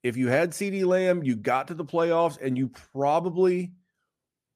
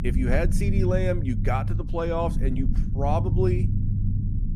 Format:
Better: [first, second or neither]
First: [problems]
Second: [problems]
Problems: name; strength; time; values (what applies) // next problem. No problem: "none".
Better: first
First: none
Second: low rumble; loud; throughout; 10 dB below the speech